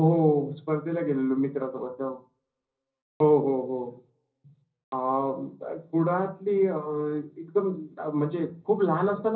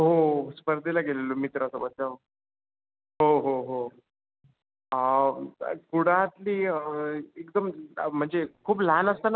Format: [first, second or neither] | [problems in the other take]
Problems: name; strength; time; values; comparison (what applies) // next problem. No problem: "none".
second | room echo; dies away in 0.5 s